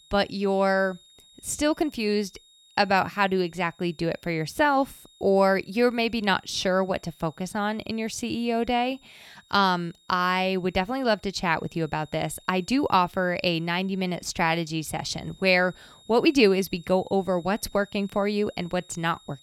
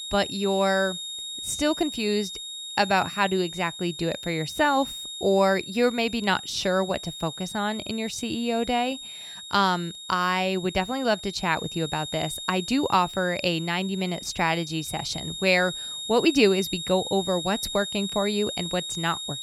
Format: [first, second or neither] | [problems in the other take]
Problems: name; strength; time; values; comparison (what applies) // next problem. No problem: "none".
first | high-pitched whine; loud; throughout; 3.5 kHz, 8 dB below the speech; faint in the first